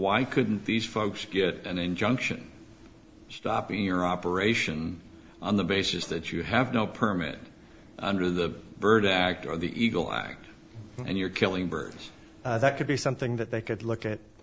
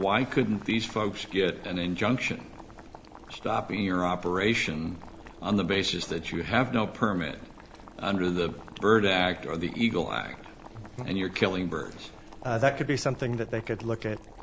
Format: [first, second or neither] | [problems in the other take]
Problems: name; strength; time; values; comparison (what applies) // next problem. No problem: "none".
first | background sound (Boiling); 19 dB below the speech